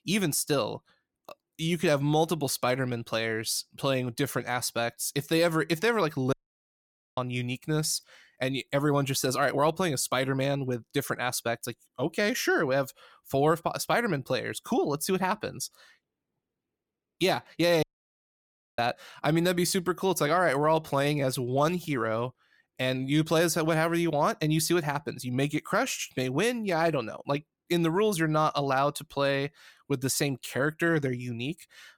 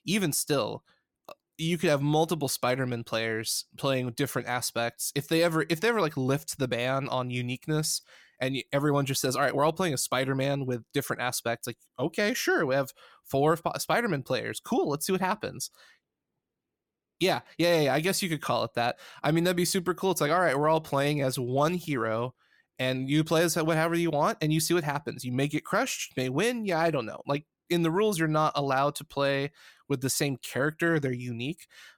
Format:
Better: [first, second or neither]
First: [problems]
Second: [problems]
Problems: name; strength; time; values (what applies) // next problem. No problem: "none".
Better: second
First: audio cutting out; at 6.5 s for 1 s and at 18 s for 1 s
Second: none